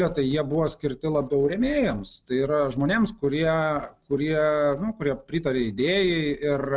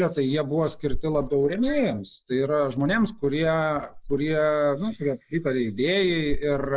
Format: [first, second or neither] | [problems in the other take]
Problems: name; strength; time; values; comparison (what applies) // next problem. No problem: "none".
first | noise reduction (neural mask model Resemble Enhance denoiser)